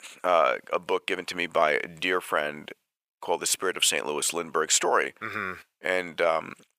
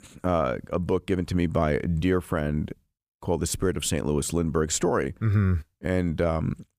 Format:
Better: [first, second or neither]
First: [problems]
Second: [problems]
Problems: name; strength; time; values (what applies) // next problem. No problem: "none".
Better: second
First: thin; very; fading below 700 Hz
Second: none